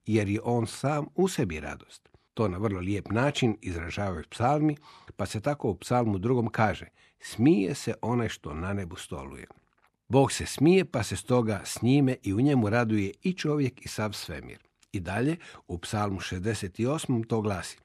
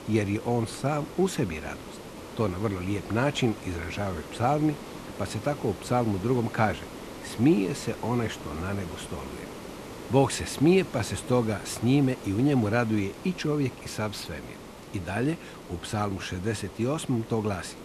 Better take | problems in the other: first | hiss; noticeable; throughout; 15 dB below the speech

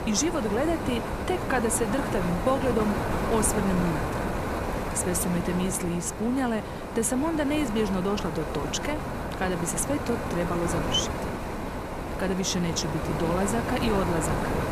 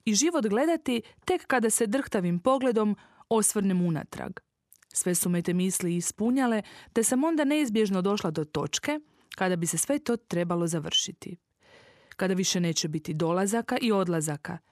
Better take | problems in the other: second | wind noise on the microphone; heavy; 2 dB below the speech

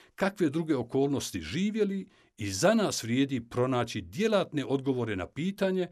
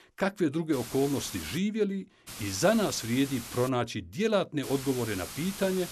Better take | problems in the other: first | hiss; noticeable; at 0.5 s, from 2.5 to 3.5 s and from 4.5 s on; 10 dB below the speech

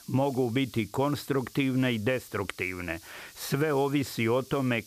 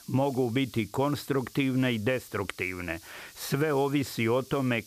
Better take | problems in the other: neither | hiss; faint; throughout; 20 dB below the speech; the same in both

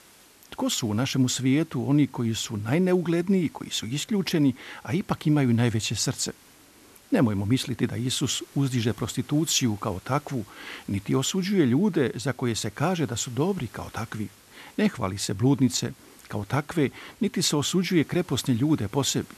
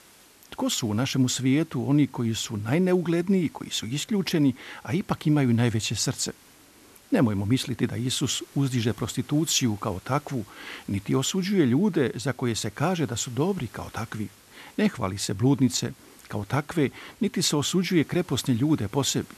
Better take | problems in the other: neither | hiss; faint; throughout; 25 dB below the speech; the same in both

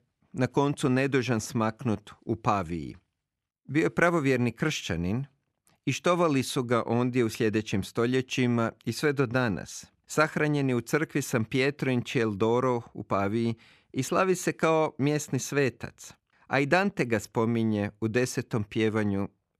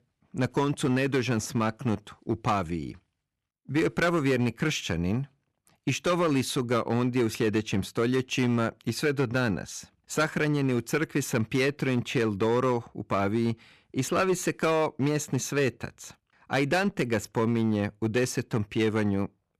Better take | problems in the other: first | distortion; slight; 7% of the sound clipped

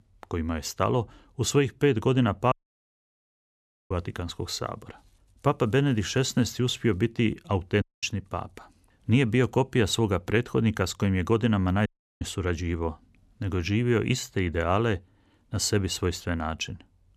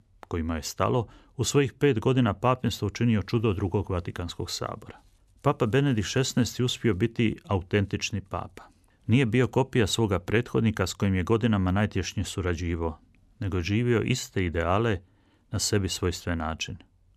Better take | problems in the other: second | audio cutting out; at 2.5 s for 1.5 s, at 8 s and at 12 s

